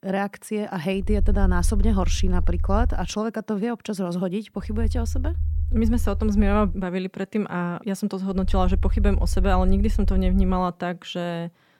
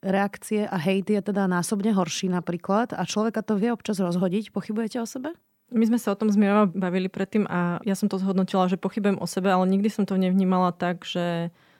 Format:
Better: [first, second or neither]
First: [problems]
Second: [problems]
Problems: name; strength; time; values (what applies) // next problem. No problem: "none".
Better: second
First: low rumble; noticeable; from 1 to 3 s, from 4.5 to 6.5 s and from 8.5 to 11 s; 20 dB below the speech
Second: none